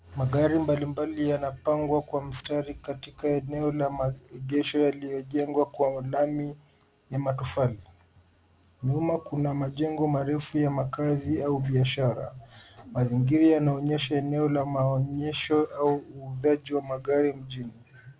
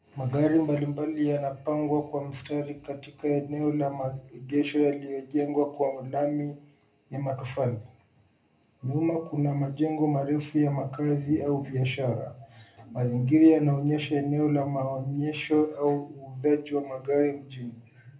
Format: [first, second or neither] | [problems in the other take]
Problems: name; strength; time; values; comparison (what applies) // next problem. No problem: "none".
first | room echo; dies away in 0.3 s